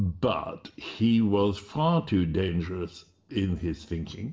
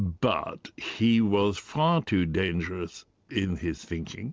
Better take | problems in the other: second | room echo; dies away in 0.5 s

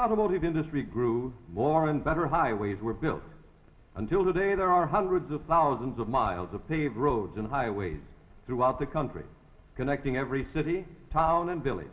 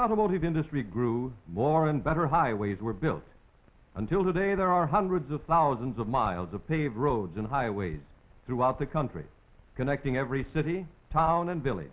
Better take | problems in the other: second | room echo; dies away in 1 s

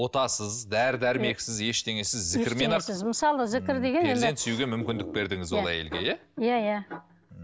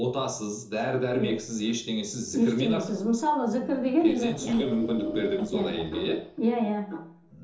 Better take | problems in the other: first | noise reduction (neural separator model SepFormer DNS4)

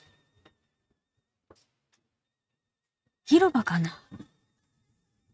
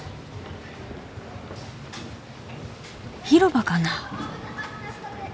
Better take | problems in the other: second | noise reduction (neural mask model RNNoise)

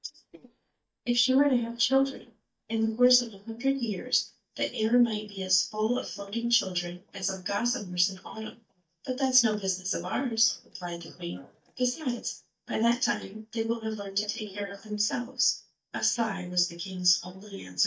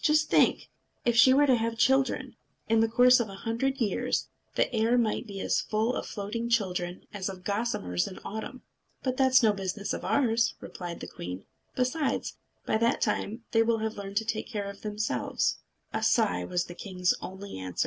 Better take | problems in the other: second | noise reduction (neural mask model DeepFilterNet 3)

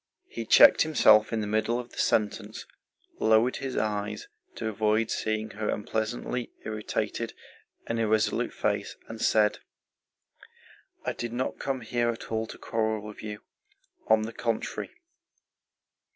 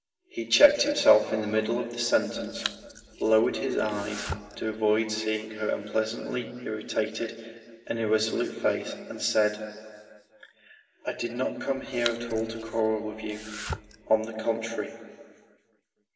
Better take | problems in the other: first | background sound (Domestic sounds, home sounds); 11 dB below the speech // room echo; dies away in 2 s

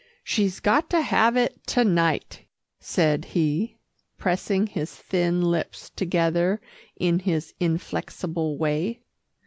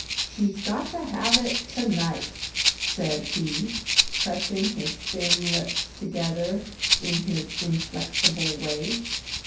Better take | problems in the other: first | background sound (Rattle (instrument)); 1 dB above the speech // room echo; dies away in 0.6 s

